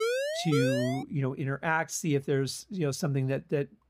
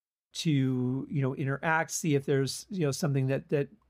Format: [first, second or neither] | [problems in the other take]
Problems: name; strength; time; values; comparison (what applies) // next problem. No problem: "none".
second | siren; loud; until 1 s; peak 1 dB above the speech